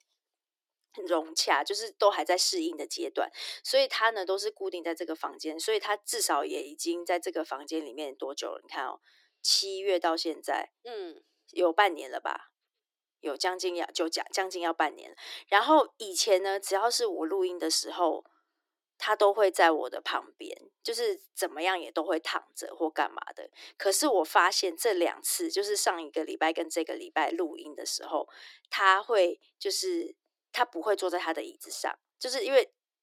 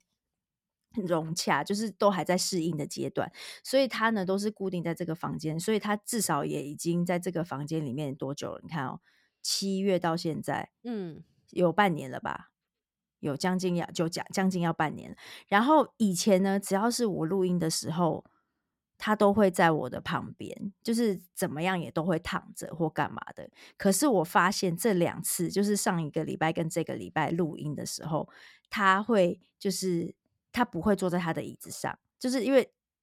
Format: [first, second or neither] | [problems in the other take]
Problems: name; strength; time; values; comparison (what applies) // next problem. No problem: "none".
second | thin; very; fading below 300 Hz